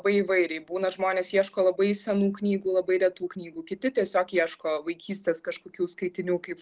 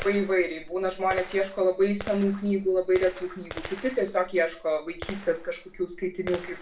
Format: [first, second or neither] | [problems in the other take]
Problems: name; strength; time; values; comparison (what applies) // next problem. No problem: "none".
first | background sound (Gunshot, gunfire); 14 dB below the speech // room echo; dies away in 0.3 s